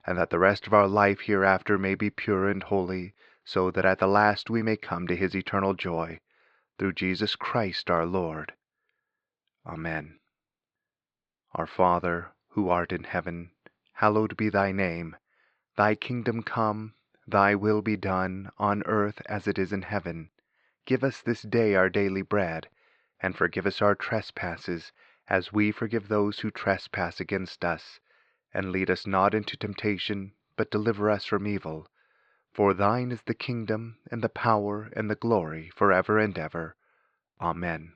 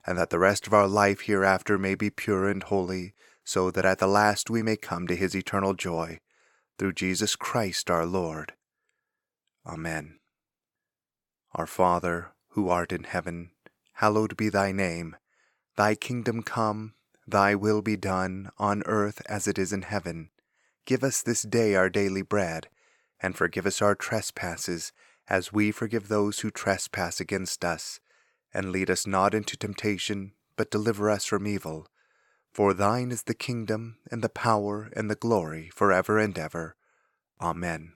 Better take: second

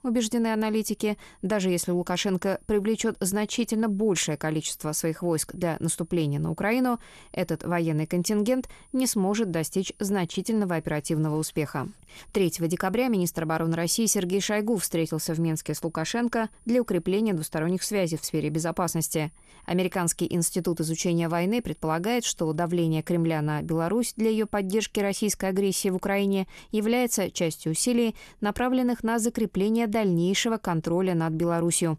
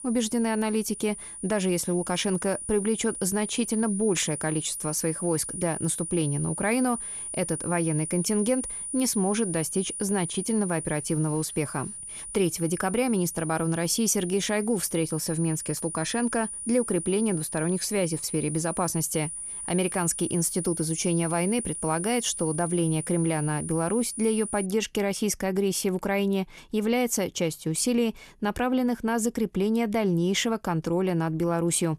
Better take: first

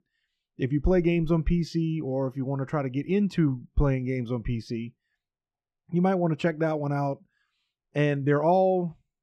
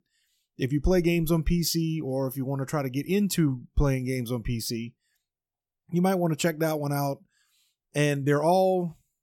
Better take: second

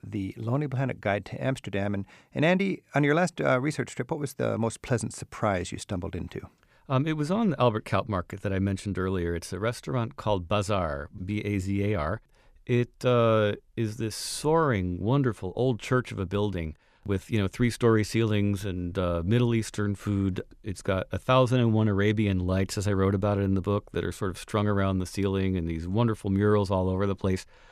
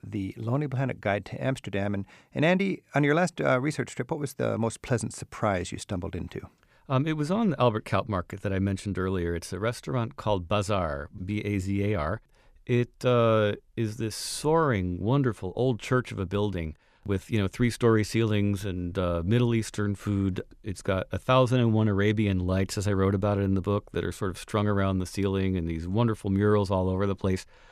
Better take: neither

